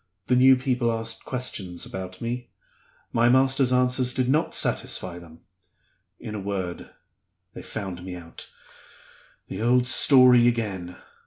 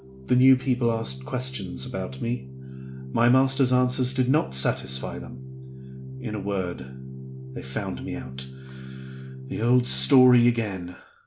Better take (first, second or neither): first